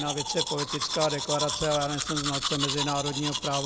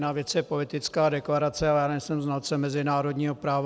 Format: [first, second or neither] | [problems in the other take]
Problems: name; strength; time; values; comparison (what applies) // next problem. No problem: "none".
second | background sound (Domestic sounds, home sounds); 2 dB below the speech